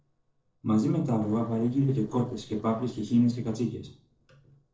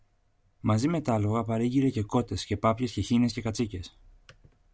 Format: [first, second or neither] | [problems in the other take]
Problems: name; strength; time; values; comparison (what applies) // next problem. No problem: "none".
second | noise reduction (neural separator model SepFormer DNS4)